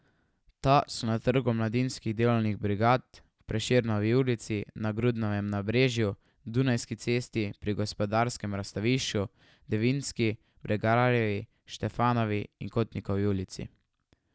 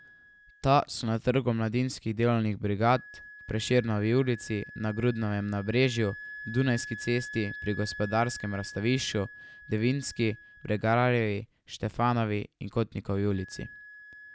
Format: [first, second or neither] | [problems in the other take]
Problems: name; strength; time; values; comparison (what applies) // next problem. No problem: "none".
first | background sound (Wind instrument, woodwind instrument); 17 dB below the speech